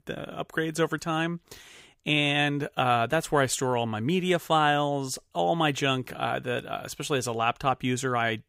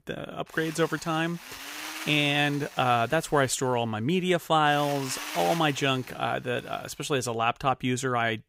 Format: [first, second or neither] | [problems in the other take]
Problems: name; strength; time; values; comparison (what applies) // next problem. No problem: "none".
first | machinery noise; noticeable; until 6.5 s; 10 dB below the speech